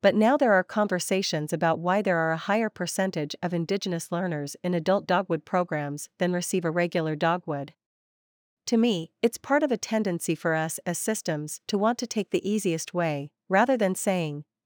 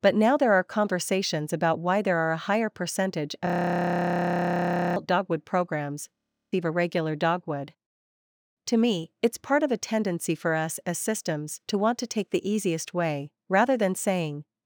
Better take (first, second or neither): first